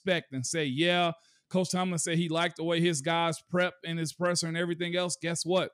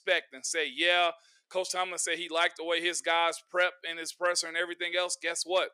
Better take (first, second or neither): first